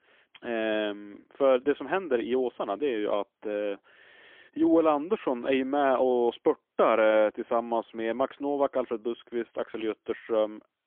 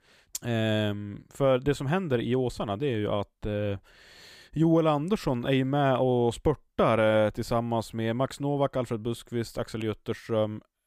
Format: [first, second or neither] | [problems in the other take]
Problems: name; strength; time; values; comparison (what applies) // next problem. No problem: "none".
second | phone-call audio; poor line; nothing above 3.5 kHz